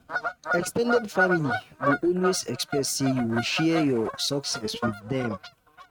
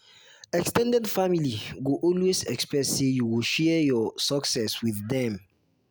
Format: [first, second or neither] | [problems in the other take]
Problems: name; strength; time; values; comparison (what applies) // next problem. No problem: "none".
second | noise reduction (neural mask model RNNoise)